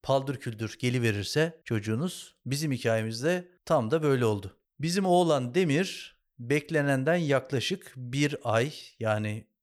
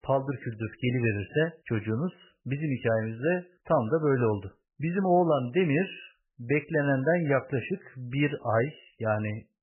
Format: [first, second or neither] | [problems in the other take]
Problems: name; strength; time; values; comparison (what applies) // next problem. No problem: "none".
first | garbled, watery; badly; nothing above 3 kHz